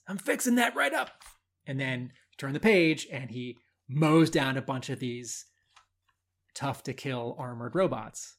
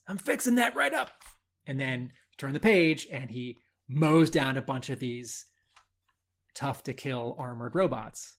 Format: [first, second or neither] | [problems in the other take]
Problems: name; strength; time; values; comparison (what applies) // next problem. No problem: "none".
first | garbled, watery; slightly; nothing above 16.5 kHz